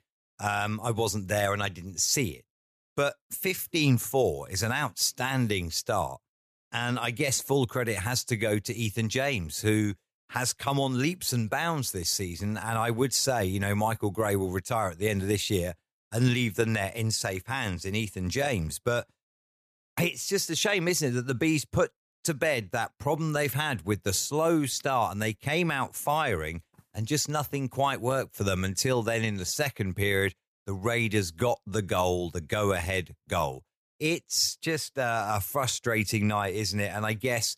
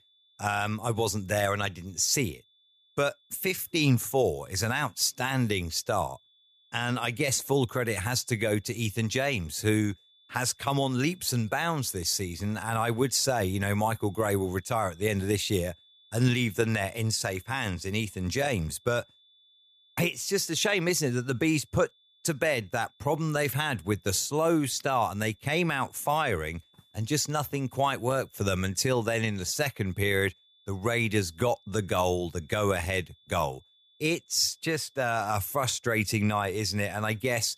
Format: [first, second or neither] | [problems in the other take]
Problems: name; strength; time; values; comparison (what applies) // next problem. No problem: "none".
first | high-pitched whine; faint; throughout; 3.5 kHz, 30 dB below the speech